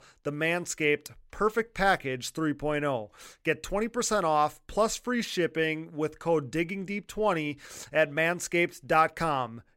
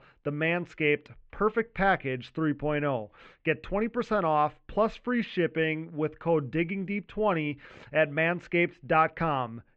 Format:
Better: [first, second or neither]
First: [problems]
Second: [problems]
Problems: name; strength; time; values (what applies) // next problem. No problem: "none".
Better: first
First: none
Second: muffled; very; fading above 3 kHz